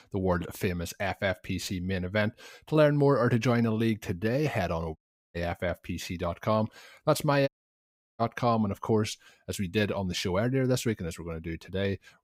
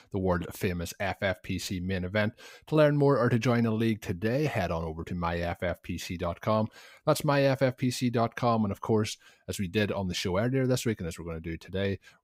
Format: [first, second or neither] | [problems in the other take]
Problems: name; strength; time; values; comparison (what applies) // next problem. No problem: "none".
second | audio cutting out; at 5 s and at 7.5 s for 0.5 s